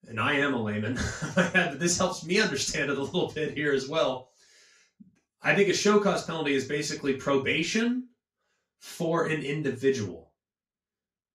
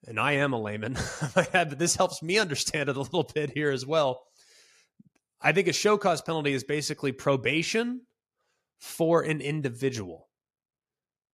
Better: second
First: room echo; slight; dies away in 0.2 s // off-mic speech; far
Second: none

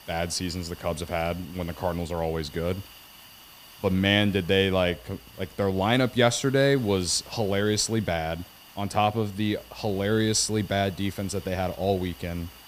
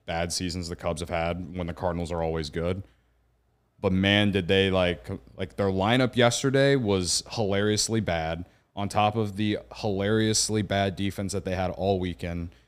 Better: second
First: hiss; faint; throughout; 20 dB below the speech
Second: none

